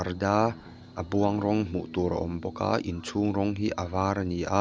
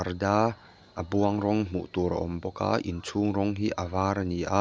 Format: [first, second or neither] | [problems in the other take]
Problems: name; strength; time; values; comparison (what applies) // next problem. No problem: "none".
second | background sound (Guitar); 17 dB below the speech